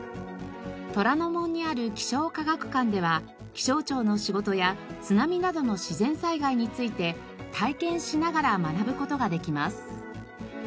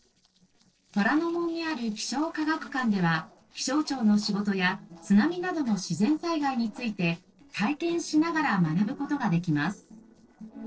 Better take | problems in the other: first | noise reduction (neural separator model SepFormer DNS4)

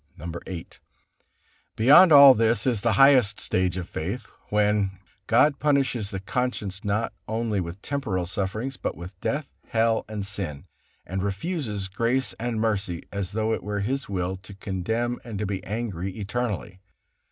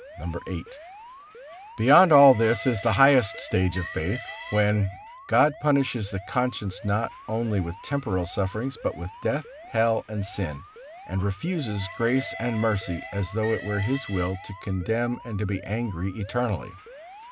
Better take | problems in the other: first | background sound (Alarm + Train); 16 dB below the speech

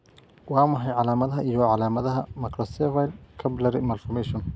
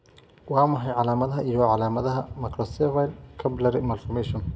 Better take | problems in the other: first | room echo; dies away in 1.3 s

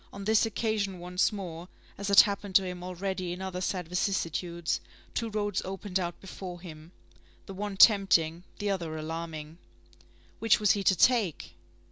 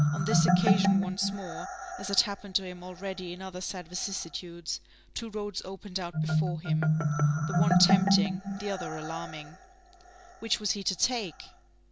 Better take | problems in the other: first | background sound (Marimba, xylophone); 4 dB above the speech

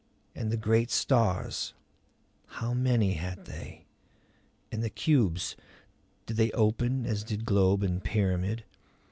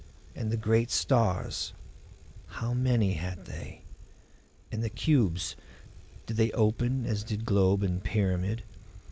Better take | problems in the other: first | background sound (Bicycle); 16 dB below the speech

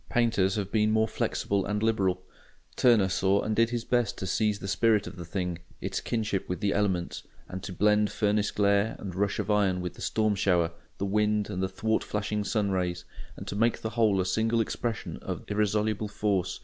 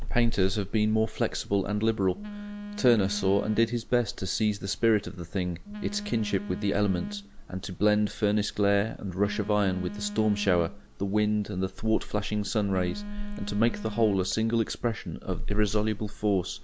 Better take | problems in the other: first | background sound (Telephone); 7 dB below the speech

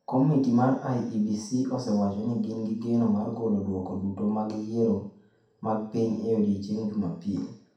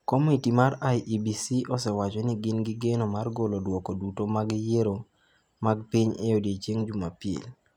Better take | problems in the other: second | room echo; dies away in 0.6 s

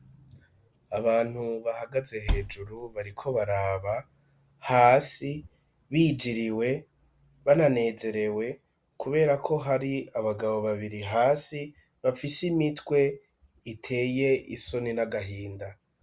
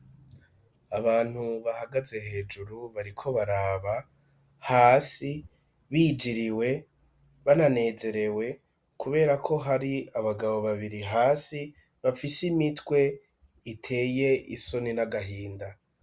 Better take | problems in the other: second | background sound (Cupboard open or close); 3 dB below the speech

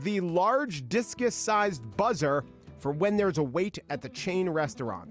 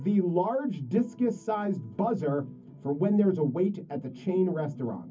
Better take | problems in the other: first | room echo; dies away in 0.3 s

